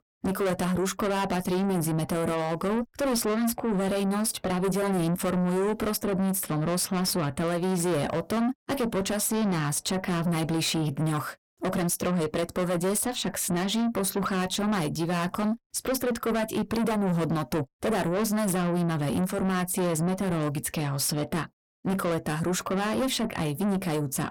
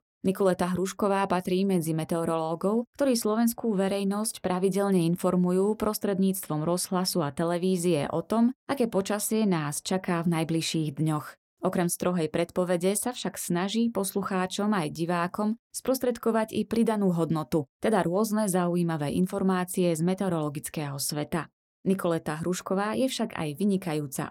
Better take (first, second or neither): second